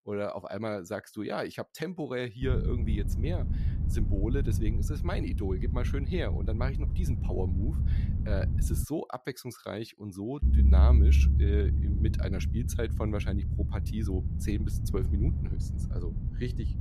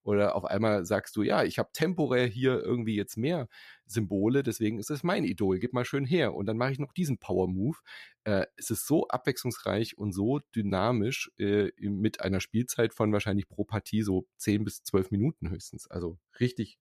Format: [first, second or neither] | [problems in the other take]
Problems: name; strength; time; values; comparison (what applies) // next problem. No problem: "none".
second | low rumble; loud; from 2.5 to 9 s and from 10 s on; 7 dB below the speech